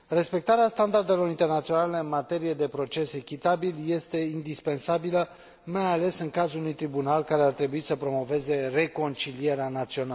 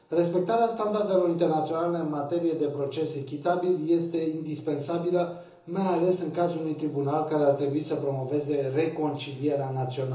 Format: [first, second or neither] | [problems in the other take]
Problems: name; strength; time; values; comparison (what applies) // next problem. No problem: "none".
first | room echo; dies away in 0.6 s